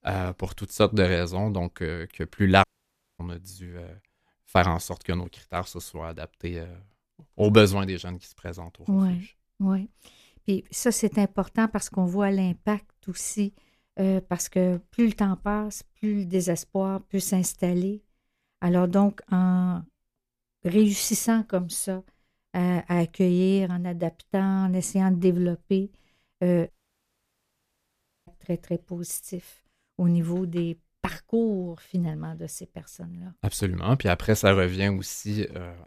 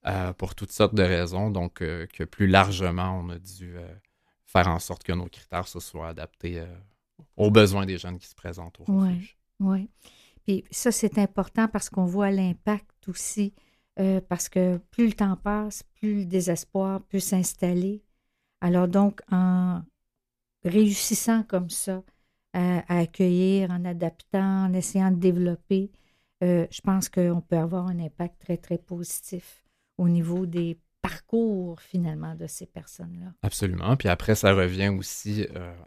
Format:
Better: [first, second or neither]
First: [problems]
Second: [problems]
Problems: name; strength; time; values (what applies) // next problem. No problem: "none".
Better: second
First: audio cutting out; at 2.5 s for 0.5 s and at 27 s for 1.5 s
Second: none